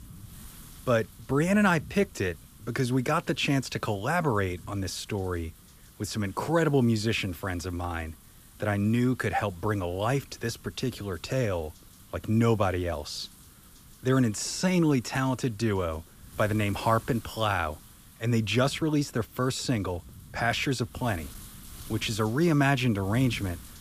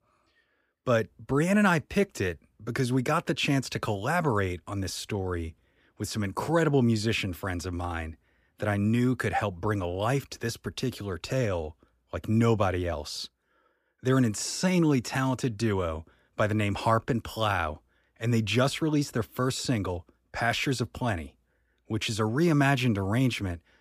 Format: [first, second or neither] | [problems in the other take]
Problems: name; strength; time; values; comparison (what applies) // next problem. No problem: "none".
second | wind noise on the microphone; occasional gusts; 25 dB below the speech